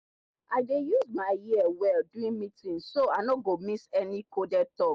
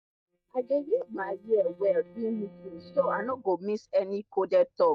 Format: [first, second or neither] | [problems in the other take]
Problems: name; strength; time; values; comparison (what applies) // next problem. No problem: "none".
first | noise reduction (neural mask model DeepFilterNet 3)